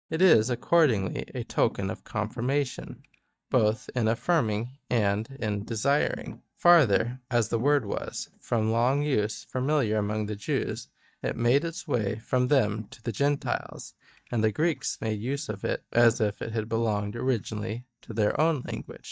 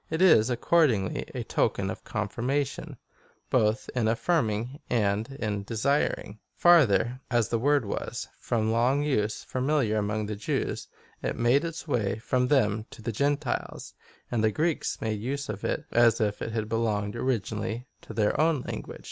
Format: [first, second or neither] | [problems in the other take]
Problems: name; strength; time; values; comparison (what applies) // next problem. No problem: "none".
second | noise reduction (neural mask model DeepFilterNet 3)